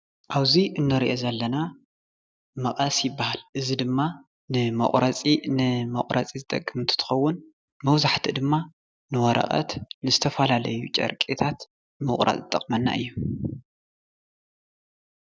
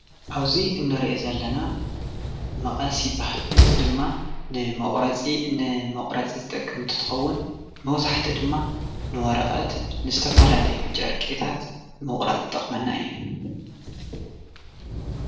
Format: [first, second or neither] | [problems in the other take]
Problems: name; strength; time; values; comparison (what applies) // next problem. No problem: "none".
first | background sound (Slam); 1 dB above the speech // room echo; dies away in 0.8 s